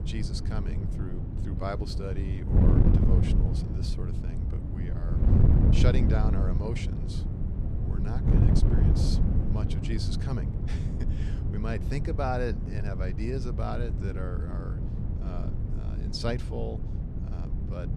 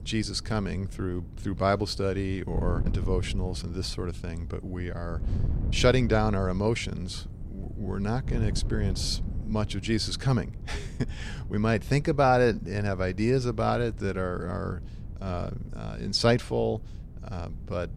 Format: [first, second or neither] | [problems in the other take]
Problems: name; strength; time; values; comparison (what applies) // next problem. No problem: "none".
second | wind noise on the microphone; heavy; 1 dB below the speech; occasional gusts in the second